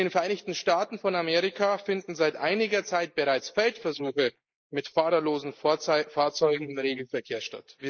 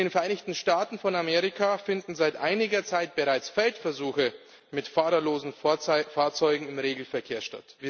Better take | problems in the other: second | noise reduction (neural mask model Resemble Enhance denoiser)

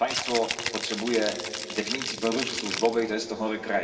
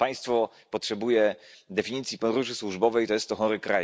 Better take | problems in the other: second | background sound (Rattle (instrument)); 6 dB below the speech // room echo; dies away in 2.3 s

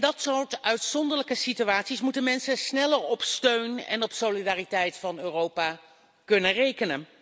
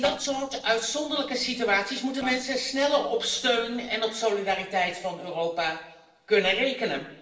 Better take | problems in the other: first | noise reduction (neural separator model SepFormer DNS4)

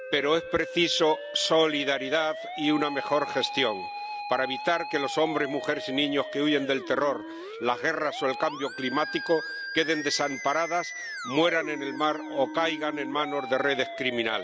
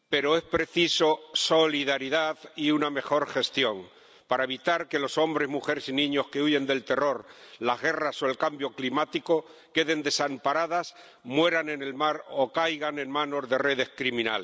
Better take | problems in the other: second | background sound (Musical instrument); 9 dB below the speech

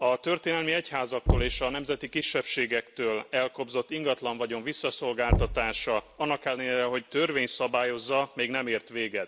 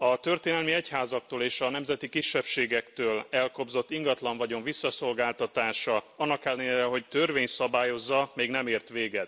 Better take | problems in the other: second | background sound (Knock); 3 dB below the speech

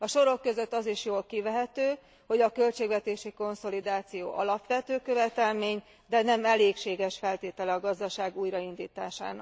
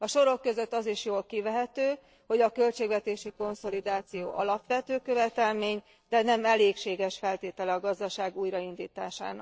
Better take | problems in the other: first | noise reduction (neural separator model SepFormer DNS4)

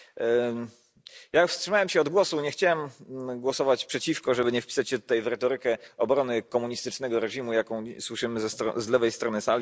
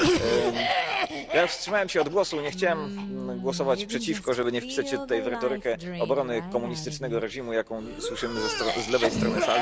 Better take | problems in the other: first | background sound (Cough); 2 dB below the speech

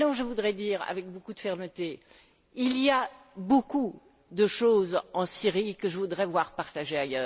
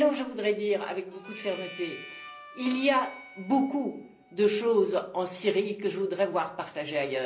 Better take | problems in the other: first | background sound (Harmonica); 18 dB below the speech // room echo; dies away in 0.5 s

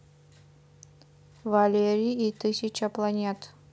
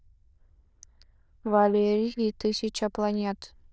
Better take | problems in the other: first | noise reduction (neural diffusion model UNIVERSE++)

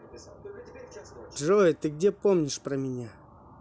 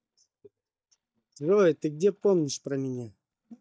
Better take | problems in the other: first | noise reduction (neural mask model DeepFilterNet 3)

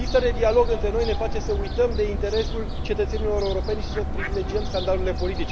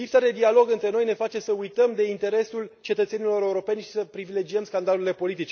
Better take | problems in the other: second | background sound (Fowl); 1 dB below the speech

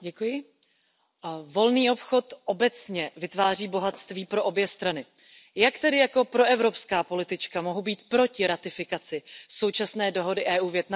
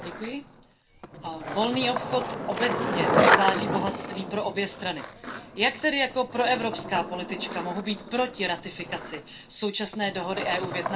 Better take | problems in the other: first | background sound (Skateboard); 1 dB below the speech // room echo; dies away in 0.2 s

